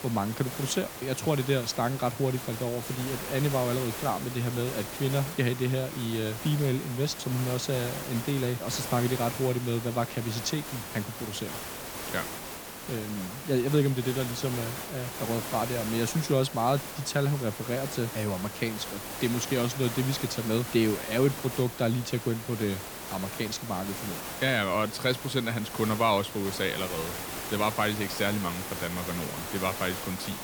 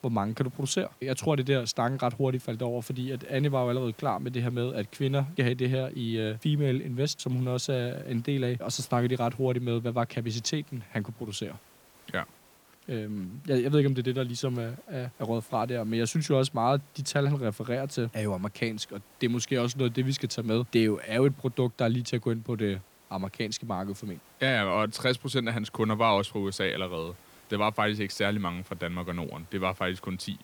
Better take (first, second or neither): second